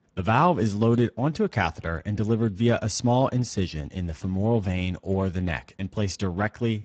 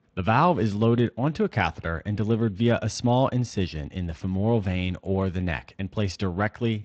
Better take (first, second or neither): second